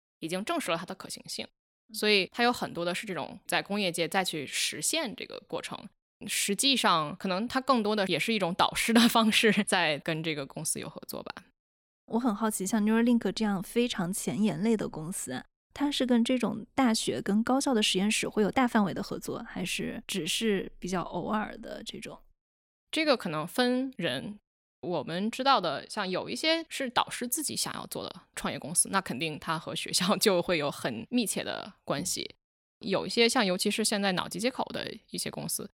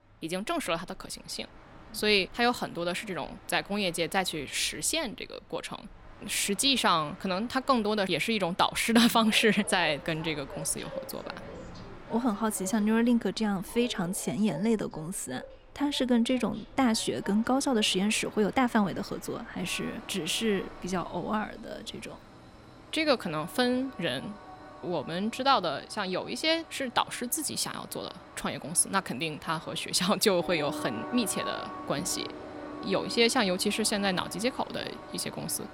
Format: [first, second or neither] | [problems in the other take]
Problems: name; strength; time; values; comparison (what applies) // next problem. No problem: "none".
first | train or aircraft noise; noticeable; throughout; 15 dB below the speech